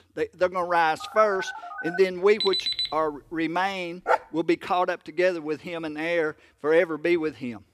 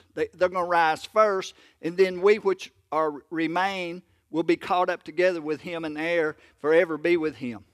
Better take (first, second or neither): second